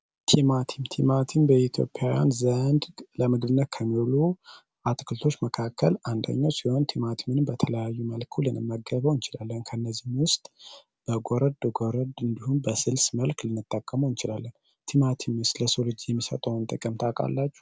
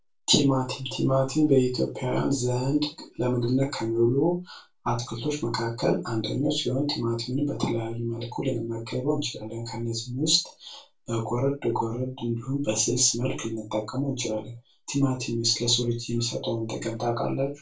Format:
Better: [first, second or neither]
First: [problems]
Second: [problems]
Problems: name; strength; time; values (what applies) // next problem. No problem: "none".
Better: first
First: none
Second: room echo; dies away in 0.2 s